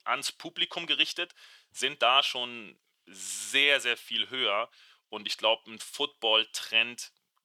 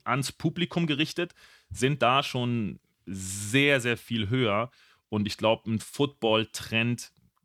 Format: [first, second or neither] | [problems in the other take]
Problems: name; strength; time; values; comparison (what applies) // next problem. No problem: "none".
second | thin; very; fading below 650 Hz